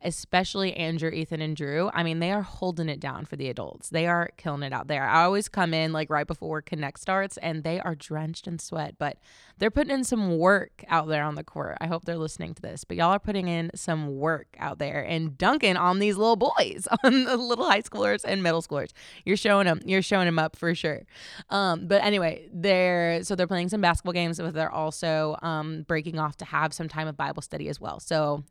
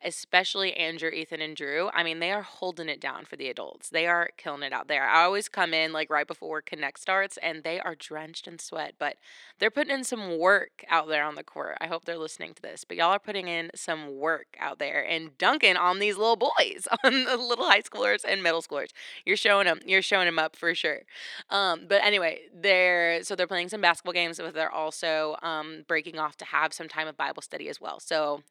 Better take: first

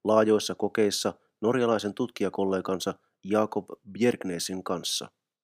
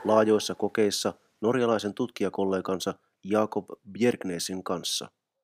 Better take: first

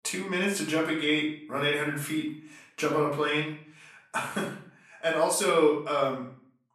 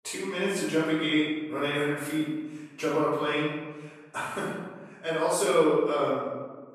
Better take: first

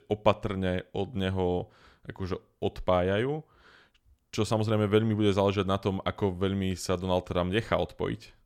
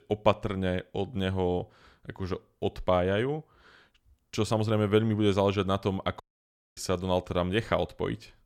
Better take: first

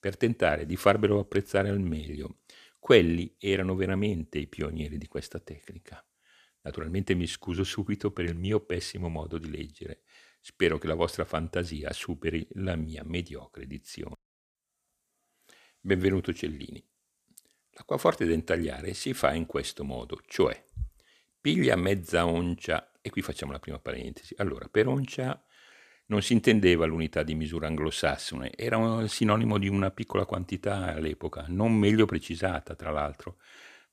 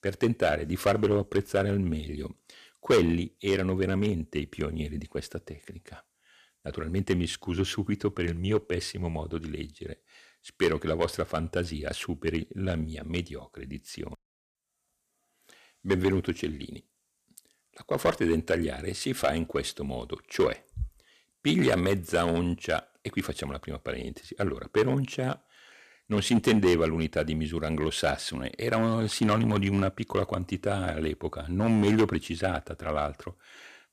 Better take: first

